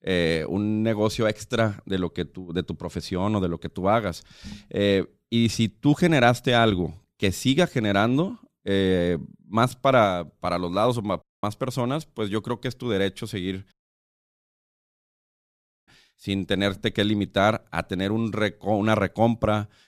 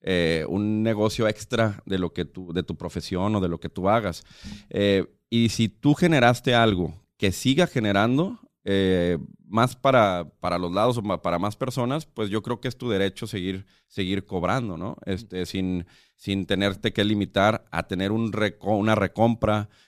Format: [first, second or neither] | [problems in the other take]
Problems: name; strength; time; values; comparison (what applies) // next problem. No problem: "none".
second | audio cutting out; at 11 s and at 14 s for 2 s